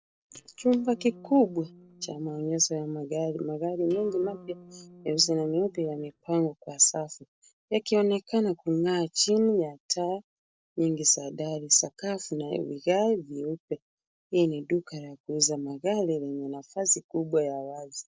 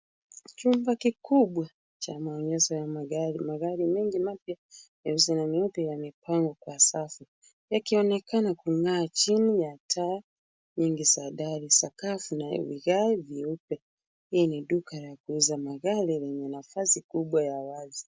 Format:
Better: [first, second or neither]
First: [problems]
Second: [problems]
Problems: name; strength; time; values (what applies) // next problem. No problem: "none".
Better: second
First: noise reduction (neural separator model SepFormer DNS4)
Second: none